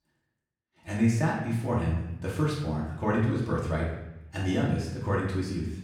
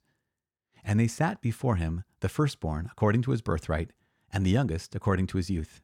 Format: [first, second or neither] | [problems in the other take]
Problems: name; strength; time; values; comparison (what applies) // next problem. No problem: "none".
second | off-mic speech; far // room echo; noticeable; dies away in 0.8 s